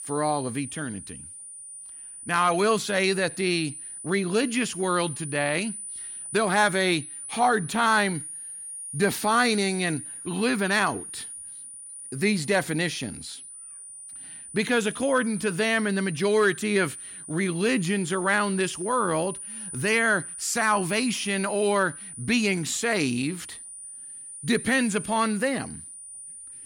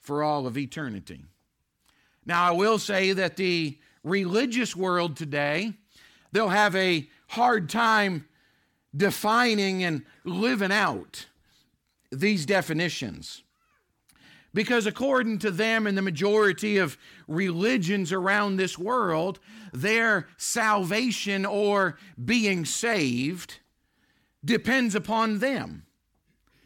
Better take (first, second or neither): second